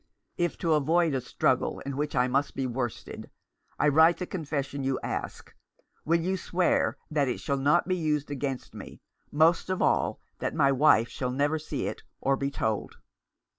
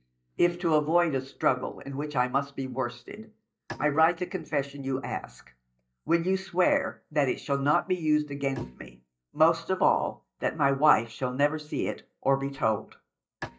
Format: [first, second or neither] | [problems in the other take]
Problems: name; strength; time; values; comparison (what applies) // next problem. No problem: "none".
first | noise reduction (neural mask model DeepFilterNet 3)